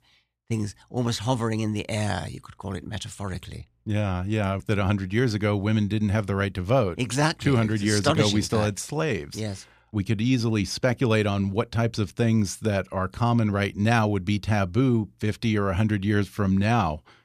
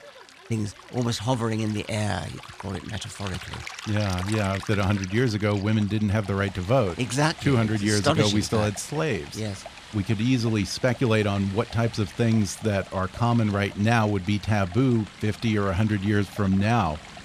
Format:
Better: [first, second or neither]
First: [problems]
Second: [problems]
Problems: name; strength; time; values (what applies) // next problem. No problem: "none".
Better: first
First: none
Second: rain or running water; noticeable; throughout; 15 dB below the speech